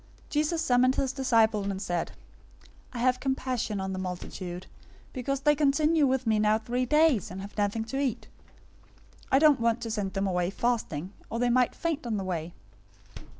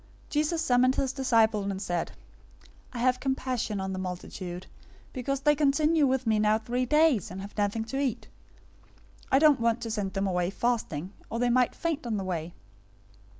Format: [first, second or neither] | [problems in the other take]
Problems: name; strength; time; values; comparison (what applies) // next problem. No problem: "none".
second | background sound (Door); 20 dB below the speech